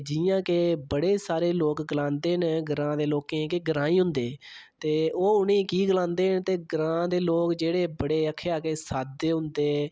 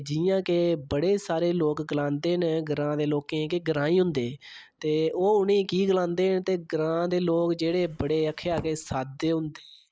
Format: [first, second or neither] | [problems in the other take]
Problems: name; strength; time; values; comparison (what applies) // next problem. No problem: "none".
first | noise reduction (neural mask model Resemble Enhance denoiser)